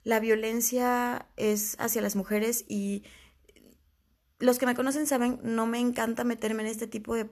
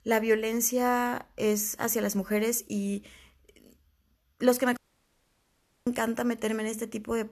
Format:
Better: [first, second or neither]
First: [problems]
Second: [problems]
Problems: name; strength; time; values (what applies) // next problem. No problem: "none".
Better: first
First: none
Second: audio cutting out; at 5 s for 1 s